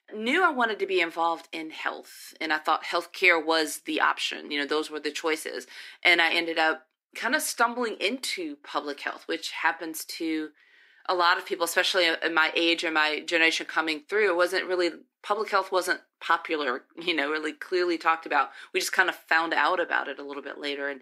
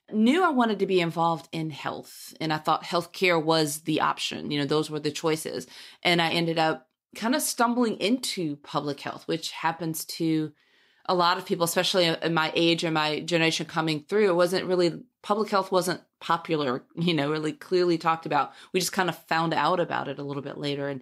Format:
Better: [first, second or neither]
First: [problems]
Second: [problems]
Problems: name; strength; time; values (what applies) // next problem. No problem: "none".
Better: second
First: thin; somewhat; fading below 300 Hz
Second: none